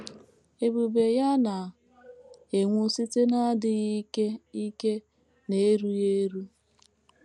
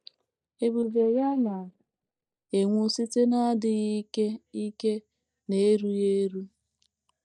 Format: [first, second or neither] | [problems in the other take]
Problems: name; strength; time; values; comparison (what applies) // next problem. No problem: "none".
first | noise reduction (neural mask model DeepFilterNet 3)